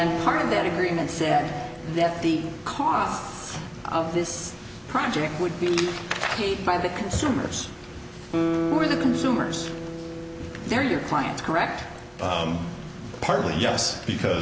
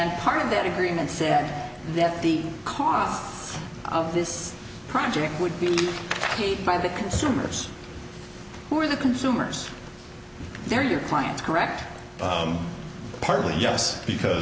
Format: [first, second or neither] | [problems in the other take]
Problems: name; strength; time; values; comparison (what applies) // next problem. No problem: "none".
second | background sound (Guitar); 8 dB below the speech